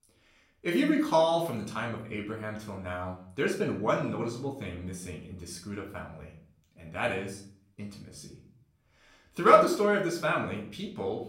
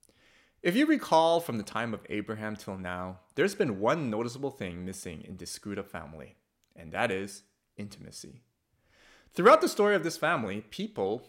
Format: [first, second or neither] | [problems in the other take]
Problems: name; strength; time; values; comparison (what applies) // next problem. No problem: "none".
second | off-mic speech; far // room echo; slight; dies away in 0.5 s